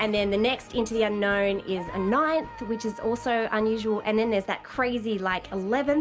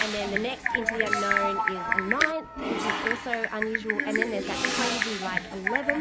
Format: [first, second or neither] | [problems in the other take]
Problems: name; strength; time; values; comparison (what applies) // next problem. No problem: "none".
first | background sound (Acoustic guitar + Typing); 3 dB above the speech